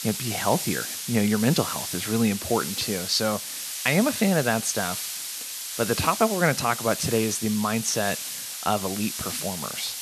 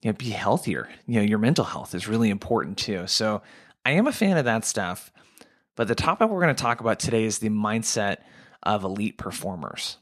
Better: second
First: hiss; loud; throughout; 5 dB below the speech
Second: none

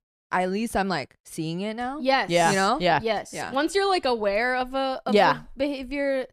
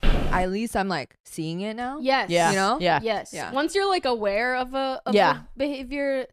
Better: first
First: none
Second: footsteps; noticeable; at the start; peak 2 dB below the speech

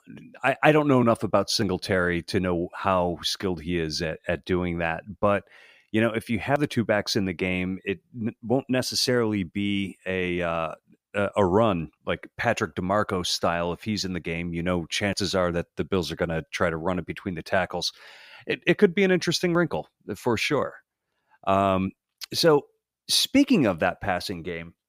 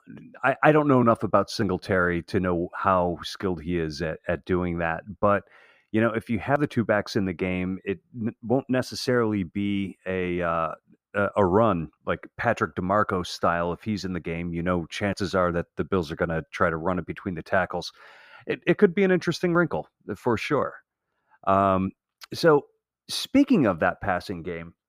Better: first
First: none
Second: muffled; slightly; fading above 2 kHz

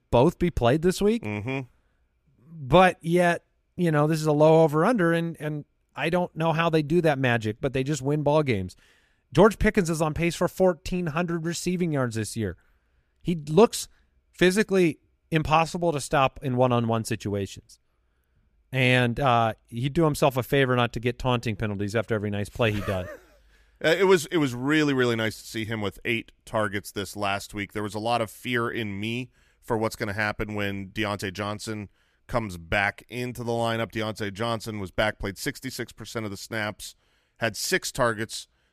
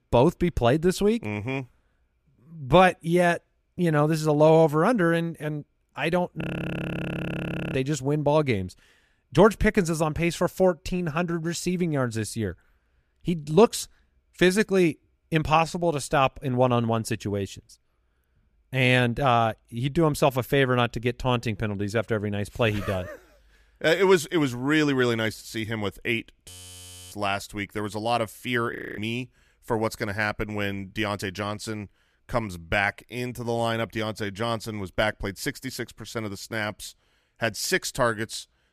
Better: first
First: none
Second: audio freezing; at 6.5 s for 1.5 s, at 26 s for 0.5 s and at 29 s

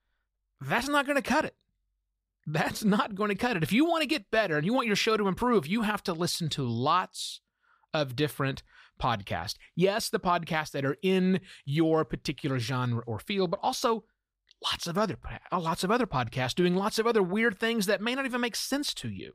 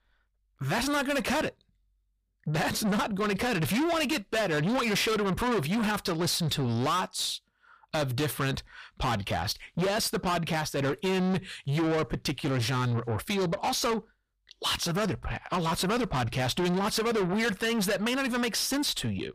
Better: first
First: none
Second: distortion; heavy; 6 dB below the speech

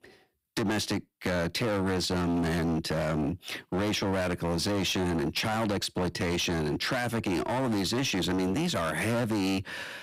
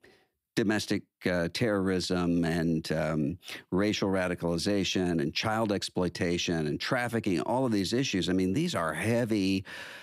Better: second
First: distortion; heavy; 26% of the sound clipped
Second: none

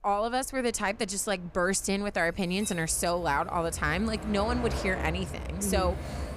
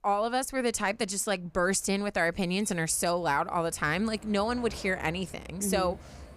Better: second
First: train or aircraft noise; loud; throughout; 8 dB below the speech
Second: train or aircraft noise; faint; throughout; 20 dB below the speech

